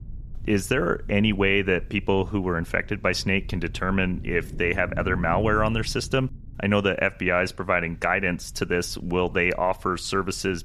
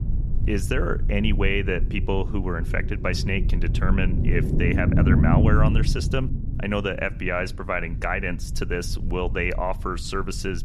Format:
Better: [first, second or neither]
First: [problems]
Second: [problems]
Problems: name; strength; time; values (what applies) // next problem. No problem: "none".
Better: first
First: low rumble; faint; throughout; 25 dB below the speech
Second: low rumble; loud; throughout; 8 dB below the speech